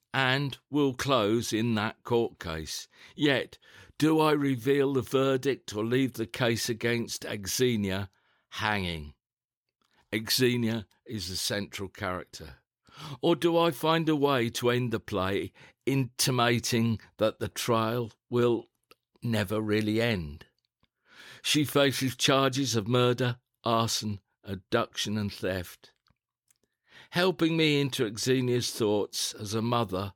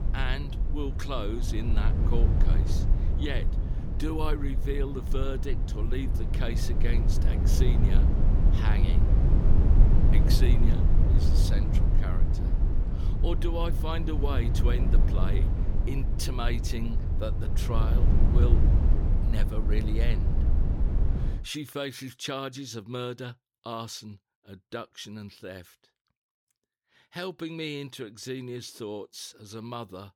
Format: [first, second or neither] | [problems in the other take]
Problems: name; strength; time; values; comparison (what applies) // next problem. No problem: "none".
first | low rumble; loud; until 21 s; 3 dB below the speech